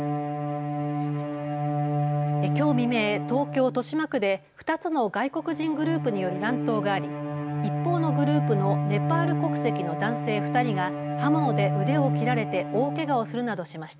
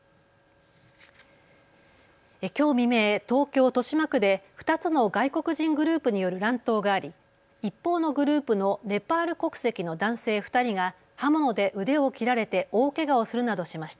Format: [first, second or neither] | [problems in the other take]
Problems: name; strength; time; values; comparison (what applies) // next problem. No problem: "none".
second | background sound (Bowed string instrument); as loud as the speech